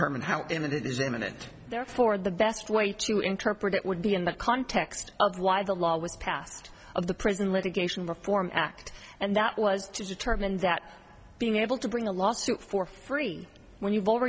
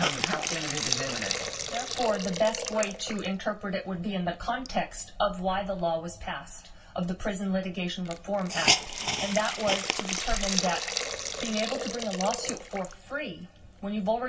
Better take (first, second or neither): first